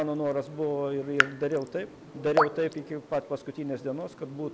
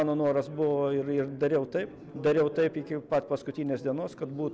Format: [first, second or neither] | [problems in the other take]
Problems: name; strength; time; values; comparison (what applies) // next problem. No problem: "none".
second | background sound (Raindrop / Drip); 3 dB below the speech